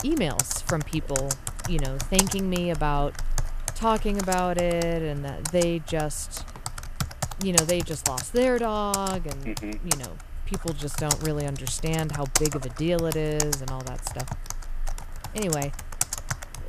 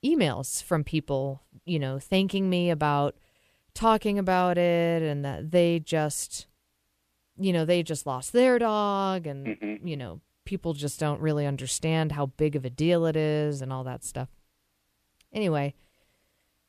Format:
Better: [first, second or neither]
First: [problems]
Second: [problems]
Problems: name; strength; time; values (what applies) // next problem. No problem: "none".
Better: second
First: household noises; loud; throughout; 3 dB below the speech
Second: none